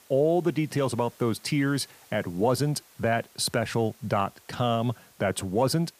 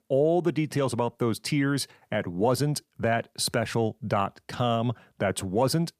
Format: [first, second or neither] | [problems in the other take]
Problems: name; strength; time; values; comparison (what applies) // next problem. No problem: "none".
second | hiss; faint; throughout; 25 dB below the speech